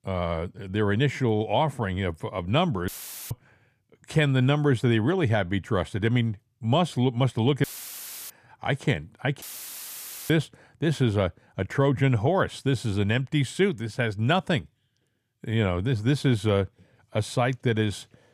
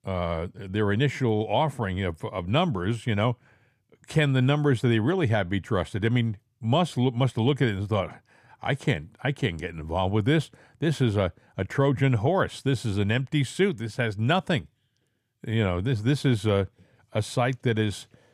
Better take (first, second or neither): second